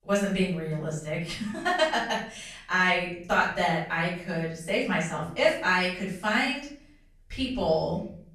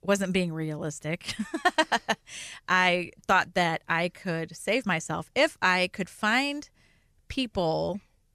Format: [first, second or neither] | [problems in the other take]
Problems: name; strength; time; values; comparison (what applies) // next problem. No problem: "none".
second | room echo; noticeable; dies away in 0.5 s // off-mic speech; far